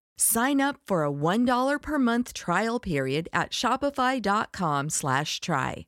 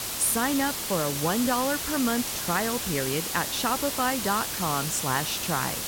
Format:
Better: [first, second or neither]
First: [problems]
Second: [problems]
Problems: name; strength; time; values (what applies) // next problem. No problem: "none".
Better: first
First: none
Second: hiss; loud; throughout; 2 dB below the speech